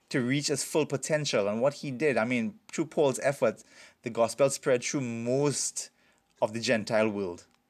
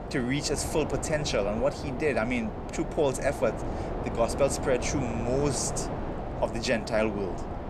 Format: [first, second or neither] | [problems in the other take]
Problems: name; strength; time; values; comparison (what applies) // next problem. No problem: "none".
first | wind noise on the microphone; heavy; 7 dB below the speech